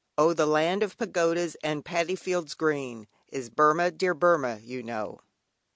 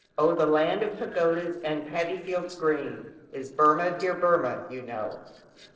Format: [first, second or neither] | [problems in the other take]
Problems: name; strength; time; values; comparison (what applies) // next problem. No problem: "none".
first | noise reduction (neural separator model SepFormer DNS4)